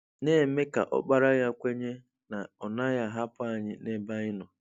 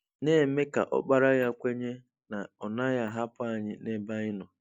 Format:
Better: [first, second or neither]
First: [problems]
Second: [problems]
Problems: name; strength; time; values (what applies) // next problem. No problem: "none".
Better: first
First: none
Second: noise reduction (neural mask model Resemble Enhance denoiser)